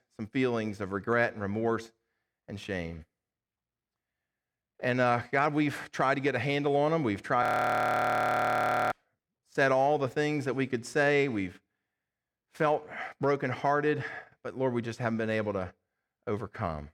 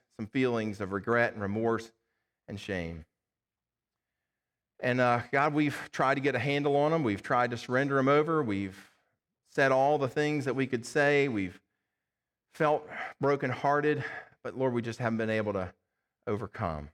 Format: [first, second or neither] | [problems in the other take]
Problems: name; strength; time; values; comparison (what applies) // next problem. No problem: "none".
second | audio freezing; at 7.5 s for 1.5 s